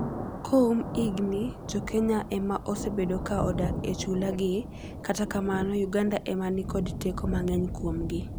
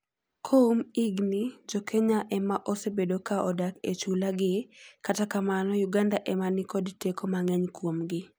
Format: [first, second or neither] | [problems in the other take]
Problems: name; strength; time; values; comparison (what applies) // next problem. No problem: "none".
second | background sound (Thunder); 6 dB below the speech